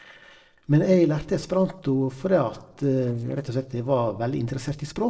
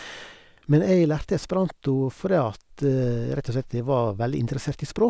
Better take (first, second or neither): second